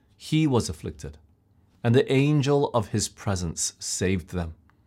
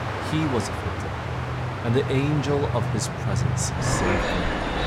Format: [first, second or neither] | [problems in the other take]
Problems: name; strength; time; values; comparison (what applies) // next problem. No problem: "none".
first | train or aircraft noise; very loud; throughout; as loud as the speech